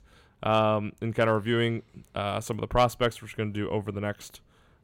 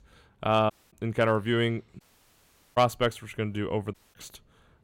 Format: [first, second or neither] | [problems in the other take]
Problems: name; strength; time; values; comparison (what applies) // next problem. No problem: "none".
first | audio cutting out; at 0.5 s, at 2 s for 1 s and at 4 s